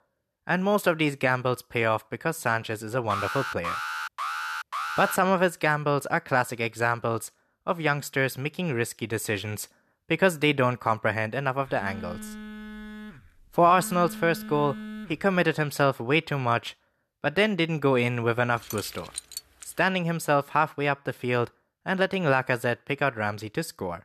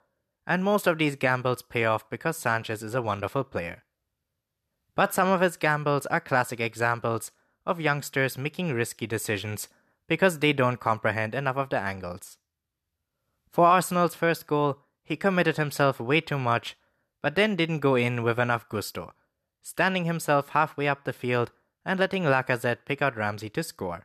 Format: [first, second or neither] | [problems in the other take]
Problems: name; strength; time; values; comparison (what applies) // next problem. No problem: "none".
second | alarm; noticeable; from 3 to 5 s; peak 4 dB below the speech // phone ringing; faint; from 12 to 15 s; peak 10 dB below the speech // jangling keys; faint; from 19 to 20 s; peak 10 dB below the speech